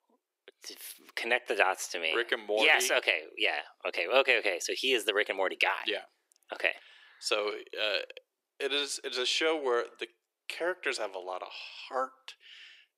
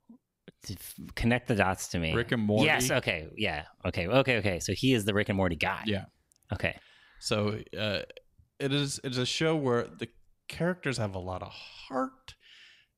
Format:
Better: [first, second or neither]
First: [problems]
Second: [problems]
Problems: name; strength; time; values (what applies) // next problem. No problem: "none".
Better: second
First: thin; very; fading below 350 Hz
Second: none